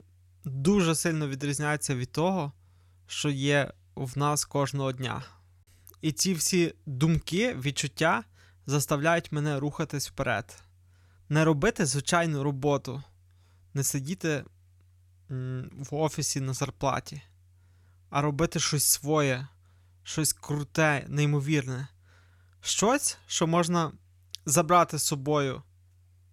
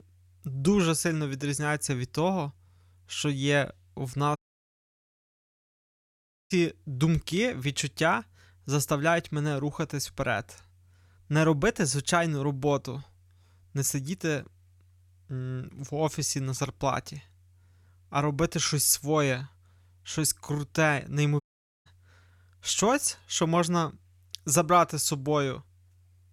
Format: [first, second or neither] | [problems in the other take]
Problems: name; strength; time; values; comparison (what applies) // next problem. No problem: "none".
first | audio cutting out; at 4.5 s for 2 s and at 21 s